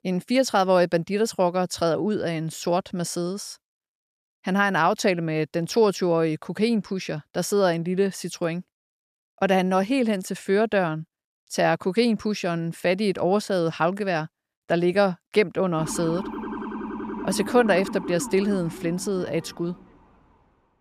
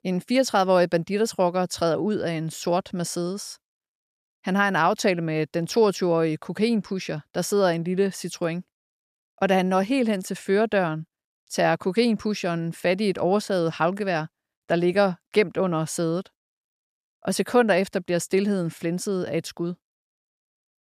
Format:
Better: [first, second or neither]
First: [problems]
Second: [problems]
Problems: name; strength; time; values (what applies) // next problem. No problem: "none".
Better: second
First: siren; noticeable; from 16 to 20 s; peak 8 dB below the speech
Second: none